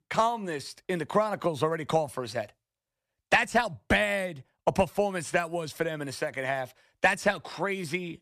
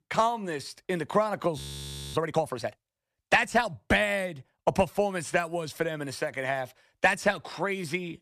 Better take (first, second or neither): first